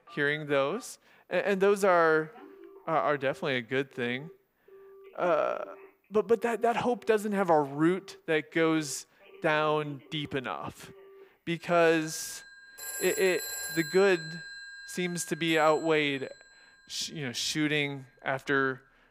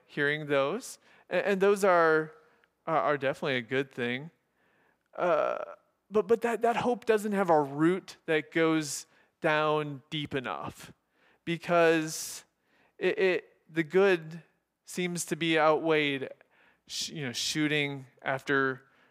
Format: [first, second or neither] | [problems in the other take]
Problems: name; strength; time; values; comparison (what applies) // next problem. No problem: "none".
second | alarms or sirens; noticeable; throughout; 15 dB below the speech